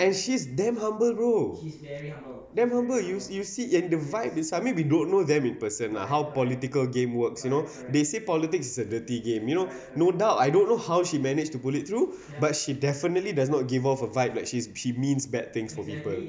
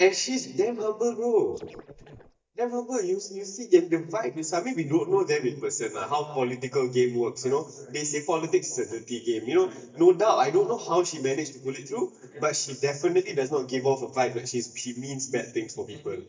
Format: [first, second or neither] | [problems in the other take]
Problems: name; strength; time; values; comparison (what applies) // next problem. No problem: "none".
first | noise reduction (neural mask model DeepFilterNet 3)